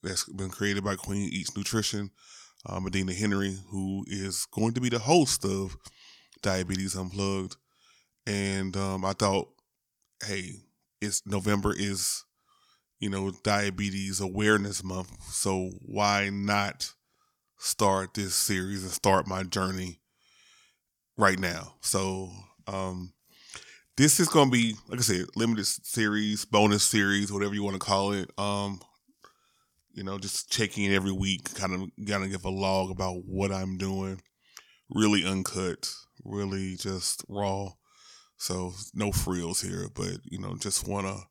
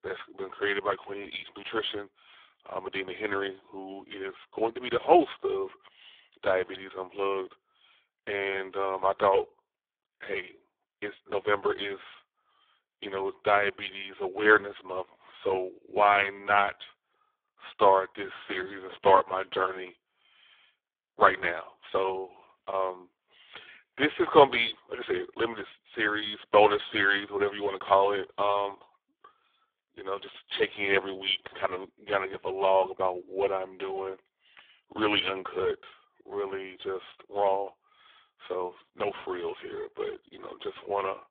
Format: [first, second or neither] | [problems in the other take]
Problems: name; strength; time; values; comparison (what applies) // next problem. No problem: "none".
first | phone-call audio; poor line